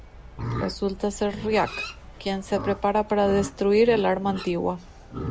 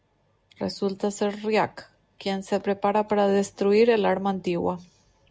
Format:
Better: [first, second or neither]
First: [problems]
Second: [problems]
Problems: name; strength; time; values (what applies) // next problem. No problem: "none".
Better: second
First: background sound (Livestock, farm animals, working animals); 11 dB below the speech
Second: none